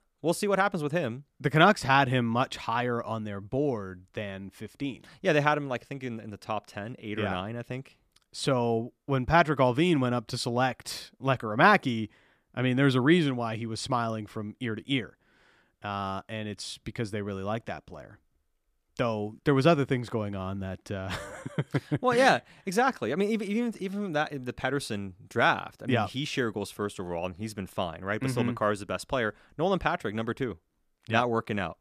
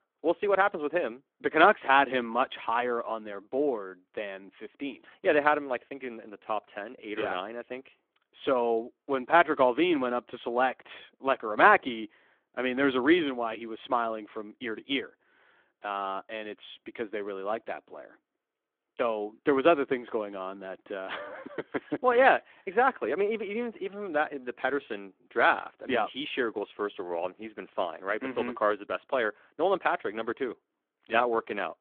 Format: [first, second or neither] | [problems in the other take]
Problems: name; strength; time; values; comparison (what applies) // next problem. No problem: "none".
first | phone-call audio